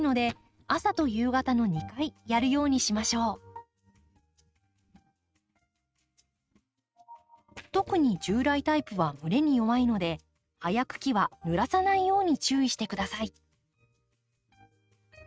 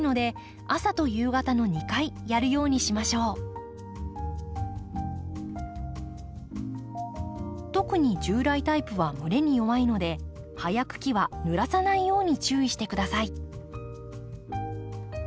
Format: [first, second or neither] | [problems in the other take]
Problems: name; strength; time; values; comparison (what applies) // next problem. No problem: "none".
second | noise reduction (neural mask model RNNoise)